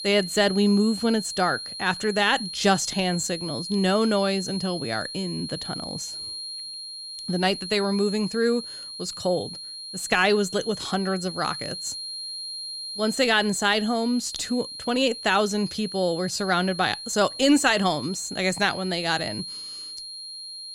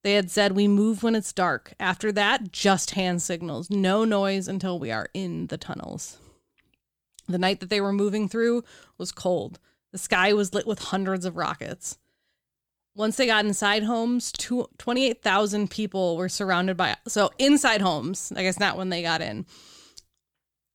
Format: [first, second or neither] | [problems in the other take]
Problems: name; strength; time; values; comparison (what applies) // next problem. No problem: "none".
second | high-pitched whine; loud; throughout; 4 kHz, 9 dB below the speech